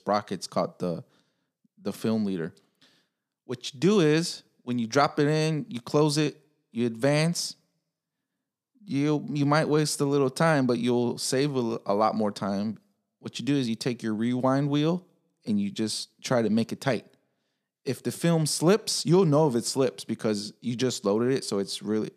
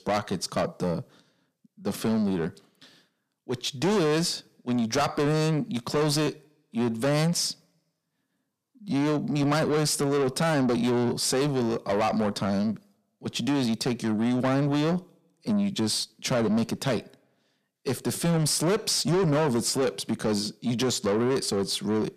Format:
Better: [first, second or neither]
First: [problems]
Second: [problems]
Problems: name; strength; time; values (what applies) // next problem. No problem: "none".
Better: first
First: none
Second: distortion; heavy; 7 dB below the speech